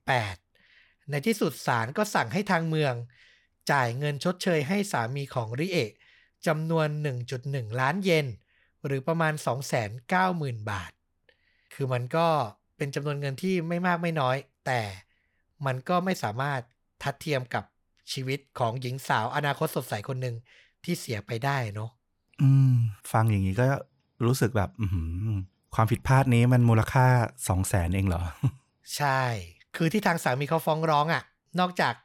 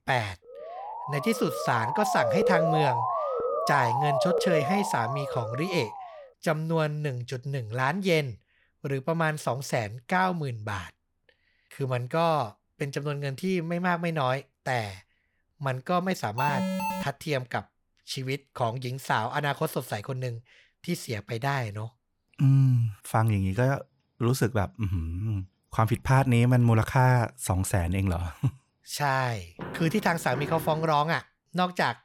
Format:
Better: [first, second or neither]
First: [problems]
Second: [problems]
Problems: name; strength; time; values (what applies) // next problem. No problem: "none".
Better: first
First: none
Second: siren; loud; from 0.5 to 6 s; peak 3 dB above the speech // alarm; noticeable; at 16 s; peak 1 dB below the speech // footsteps; noticeable; from 30 to 31 s; peak 8 dB below the speech